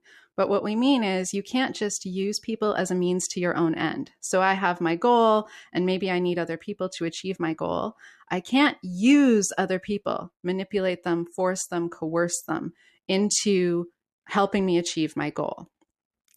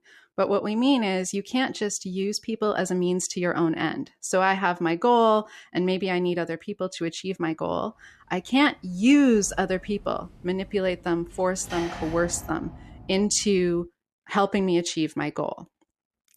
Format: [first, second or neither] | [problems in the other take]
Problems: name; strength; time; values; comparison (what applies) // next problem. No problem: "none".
first | door banging; noticeable; from 9 to 14 s; peak 9 dB below the speech